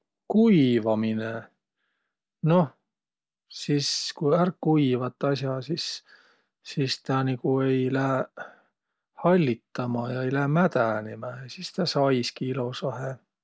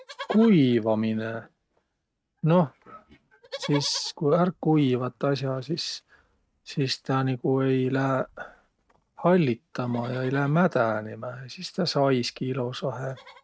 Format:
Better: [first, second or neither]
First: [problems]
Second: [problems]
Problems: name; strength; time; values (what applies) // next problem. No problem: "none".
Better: first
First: none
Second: noise reduction (neural mask model RNNoise)